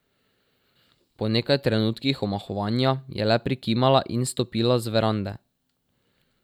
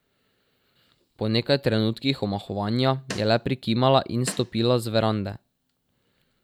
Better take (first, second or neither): first